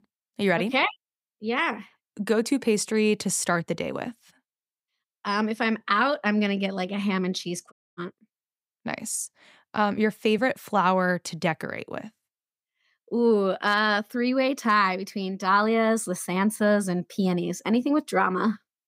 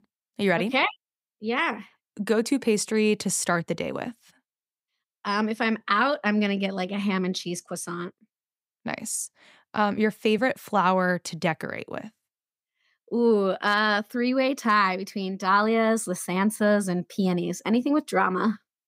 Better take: second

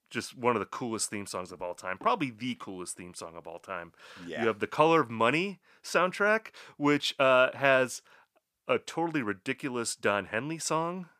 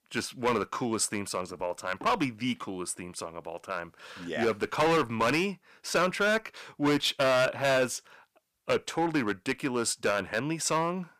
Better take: first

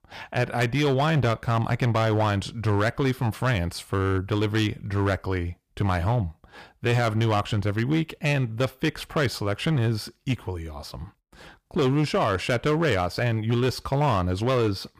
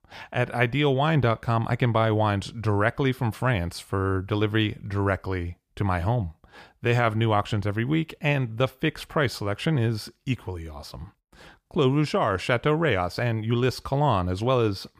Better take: second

